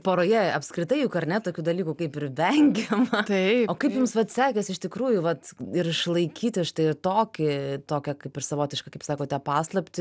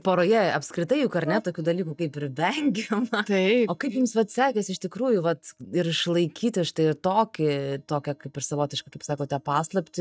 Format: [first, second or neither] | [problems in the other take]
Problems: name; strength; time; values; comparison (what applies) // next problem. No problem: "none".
first | noise reduction (neural mask model DeepFilterNet 3)